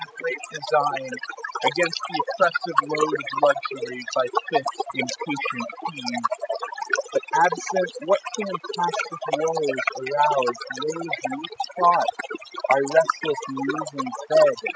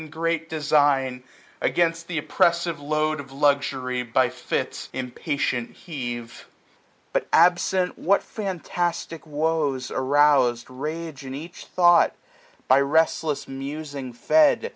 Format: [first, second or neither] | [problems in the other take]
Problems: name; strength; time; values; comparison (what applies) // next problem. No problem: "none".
second | noise reduction (classical method spectral subtraction)